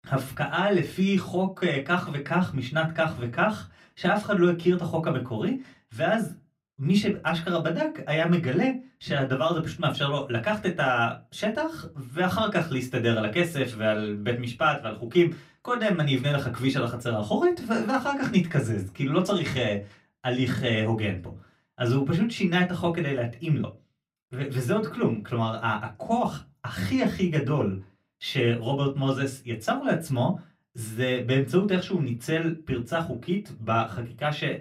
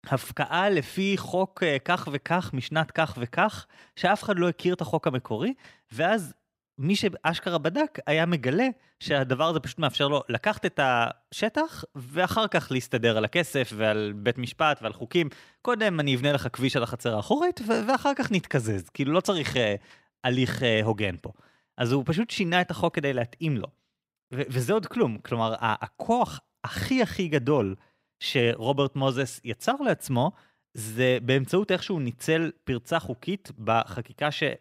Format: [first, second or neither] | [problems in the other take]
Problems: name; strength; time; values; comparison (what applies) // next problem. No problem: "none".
second | off-mic speech; far // room echo; very slight; dies away in 0.2 s